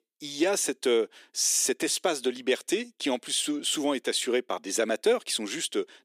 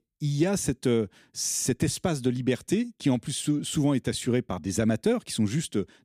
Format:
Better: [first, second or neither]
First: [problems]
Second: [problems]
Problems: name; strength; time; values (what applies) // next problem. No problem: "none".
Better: second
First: thin; somewhat; fading below 350 Hz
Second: none